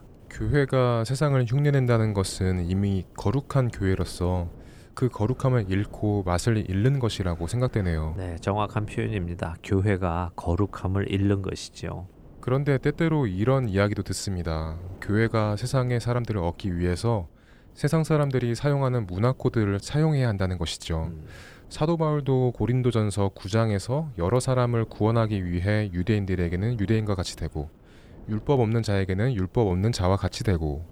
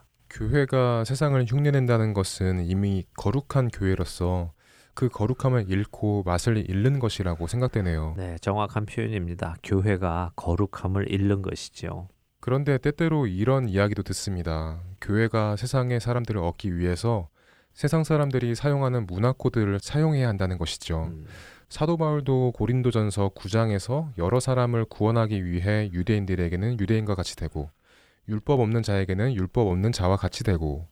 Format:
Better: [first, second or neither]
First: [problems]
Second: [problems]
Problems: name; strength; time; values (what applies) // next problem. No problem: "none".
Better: second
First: wind noise on the microphone; occasional gusts; 25 dB below the speech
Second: none